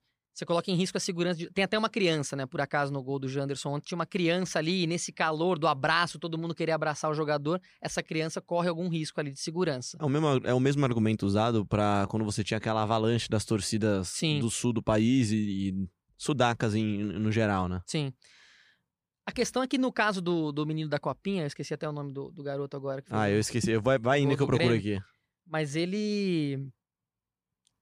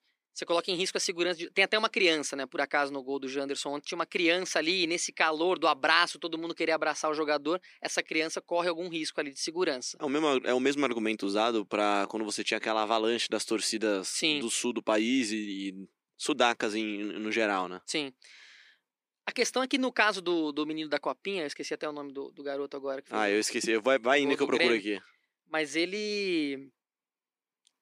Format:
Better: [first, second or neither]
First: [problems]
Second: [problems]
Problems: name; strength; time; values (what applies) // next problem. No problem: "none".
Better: first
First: none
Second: thin; somewhat; fading below 300 Hz